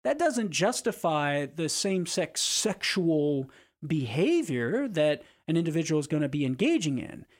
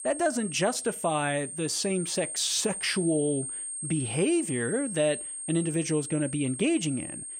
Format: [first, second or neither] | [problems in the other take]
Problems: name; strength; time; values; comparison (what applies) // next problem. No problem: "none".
first | high-pitched whine; loud; throughout; 8.5 kHz, 6 dB below the speech